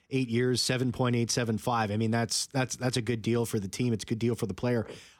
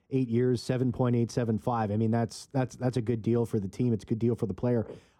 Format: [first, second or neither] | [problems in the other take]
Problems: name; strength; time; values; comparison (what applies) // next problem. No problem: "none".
first | muffled; slightly; fading above 1.5 kHz